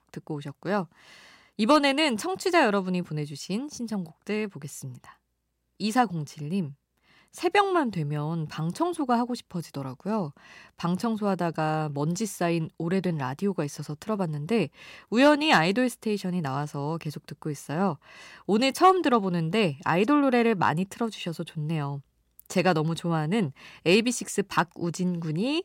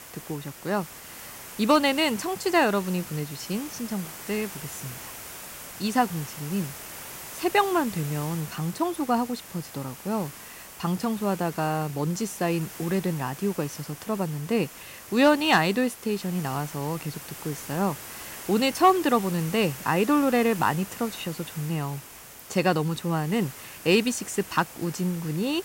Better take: first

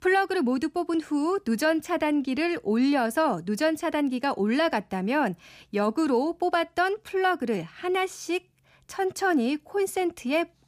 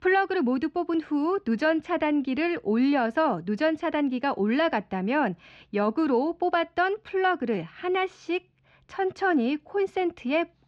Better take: first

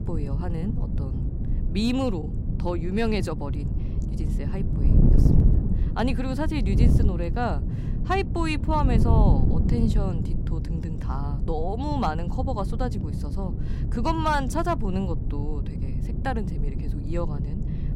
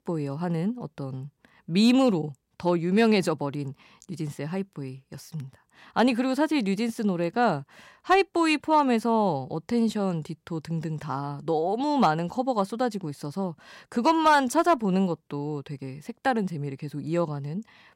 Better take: second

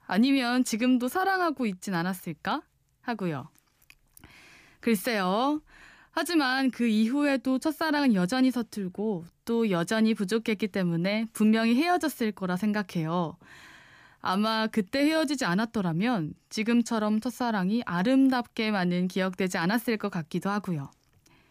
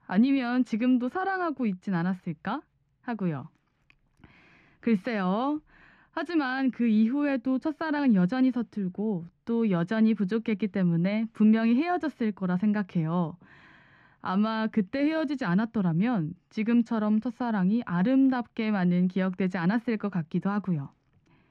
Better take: first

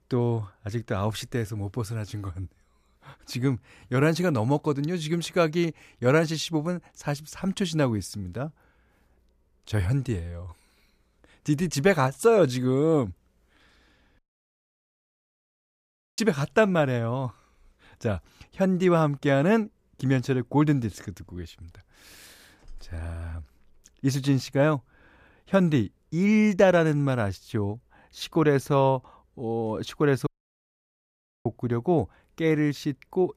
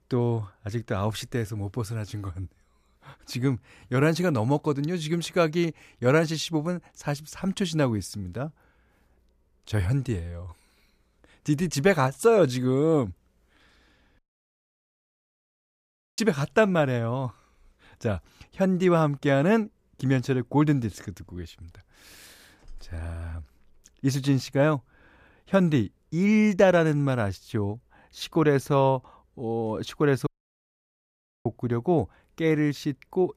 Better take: neither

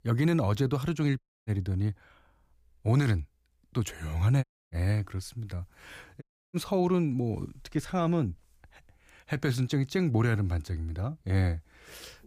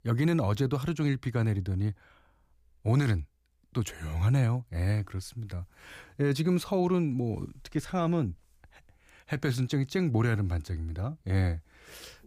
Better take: second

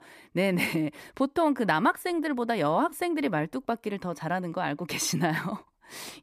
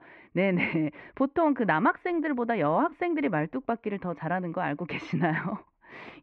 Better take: first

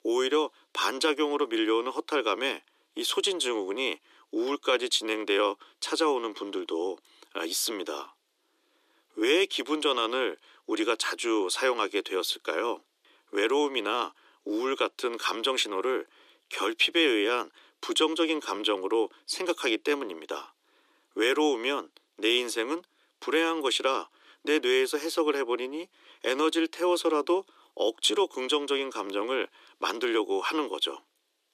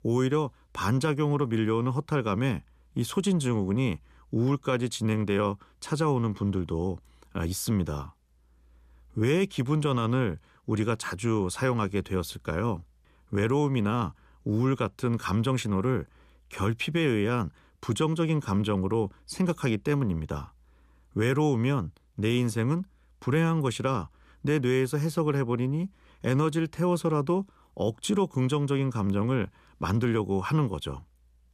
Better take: second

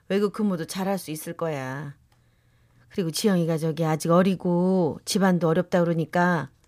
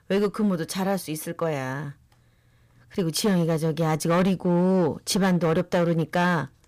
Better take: first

